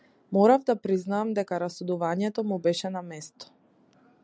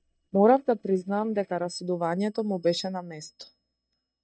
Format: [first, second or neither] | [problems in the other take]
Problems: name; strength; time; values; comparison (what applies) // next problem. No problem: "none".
first | noise reduction (neural mask model DeepFilterNet 3)